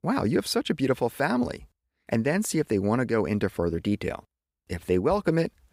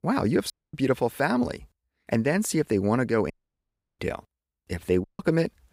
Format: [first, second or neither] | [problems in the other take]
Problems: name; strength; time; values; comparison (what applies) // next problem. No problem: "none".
first | audio cutting out; at 0.5 s, at 3.5 s for 0.5 s and at 5 s